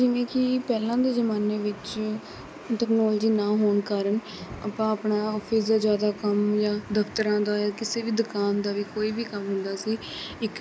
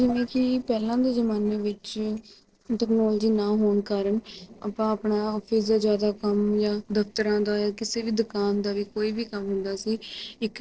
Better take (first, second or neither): first